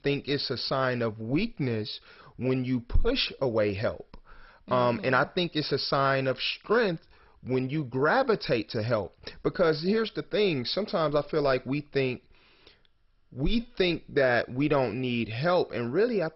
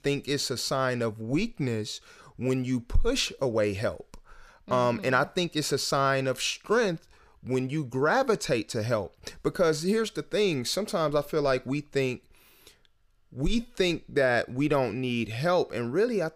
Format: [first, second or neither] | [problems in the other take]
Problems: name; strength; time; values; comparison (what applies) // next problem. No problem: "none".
second | garbled, watery; badly; nothing above 5.5 kHz